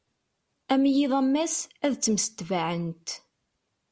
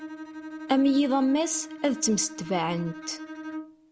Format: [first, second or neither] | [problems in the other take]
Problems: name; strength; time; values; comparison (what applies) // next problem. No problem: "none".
first | background sound (Bowed string instrument); 12 dB below the speech